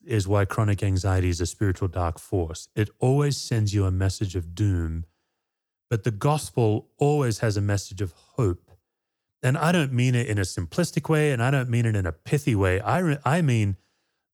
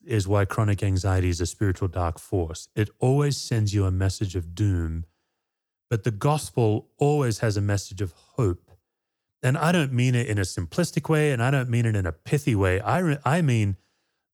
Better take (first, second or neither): neither